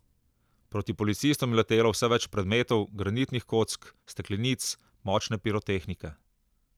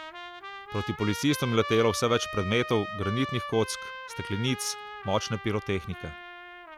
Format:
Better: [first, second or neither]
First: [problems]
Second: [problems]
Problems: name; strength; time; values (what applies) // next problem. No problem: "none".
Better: first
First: none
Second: background sound (Trumpet); 10 dB below the speech